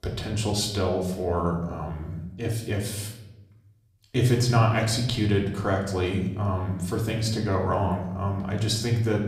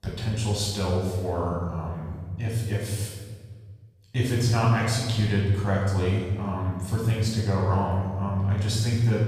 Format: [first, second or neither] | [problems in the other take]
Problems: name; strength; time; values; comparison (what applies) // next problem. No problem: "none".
first | room echo; strong; dies away in 1.4 s; slight in the first // off-mic speech; far; far in the first